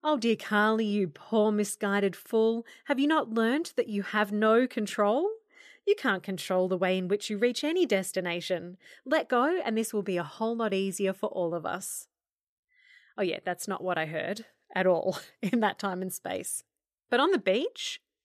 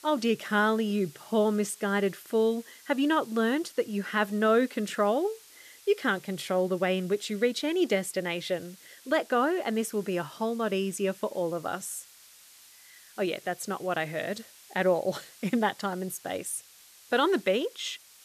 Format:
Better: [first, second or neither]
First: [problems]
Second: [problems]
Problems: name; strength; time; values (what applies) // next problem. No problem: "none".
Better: first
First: none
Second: hiss; faint; throughout; 20 dB below the speech